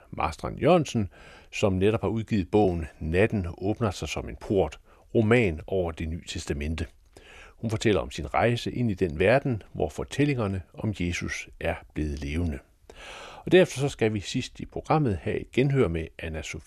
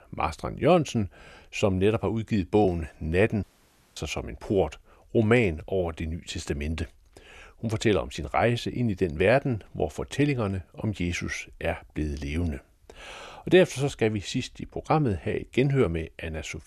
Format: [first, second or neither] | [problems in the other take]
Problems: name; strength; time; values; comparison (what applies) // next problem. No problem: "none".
first | audio cutting out; at 3.5 s for 0.5 s